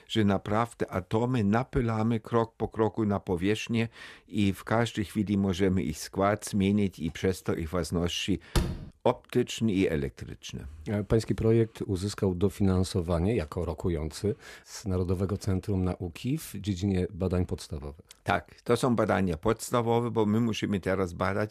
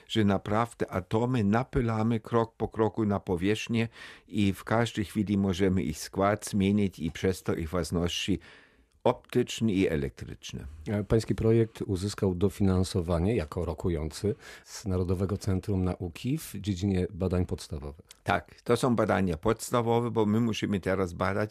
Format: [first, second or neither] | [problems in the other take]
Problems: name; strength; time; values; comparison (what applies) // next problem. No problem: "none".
second | door banging; noticeable; at 8.5 s; peak 2 dB below the speech